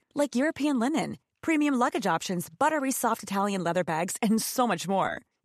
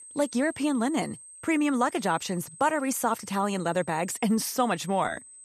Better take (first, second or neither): first